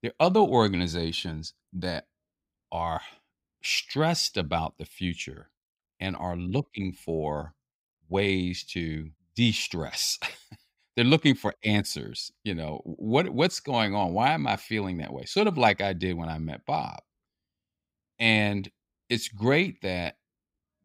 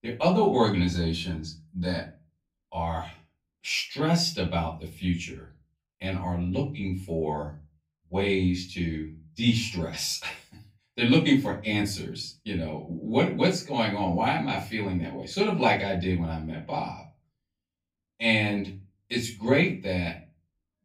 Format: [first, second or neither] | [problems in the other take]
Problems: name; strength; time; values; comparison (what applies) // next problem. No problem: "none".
first | off-mic speech; far // room echo; slight; dies away in 0.3 s